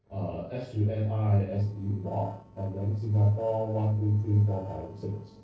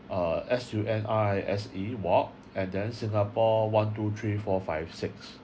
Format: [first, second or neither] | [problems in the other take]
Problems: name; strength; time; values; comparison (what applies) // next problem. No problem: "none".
second | noise reduction (neural separator model SepFormer DNS4)